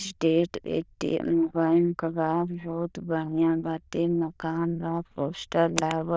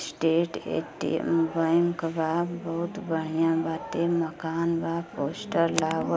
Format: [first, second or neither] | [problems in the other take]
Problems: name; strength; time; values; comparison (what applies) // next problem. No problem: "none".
second | noise reduction (neural diffusion model UNIVERSE++)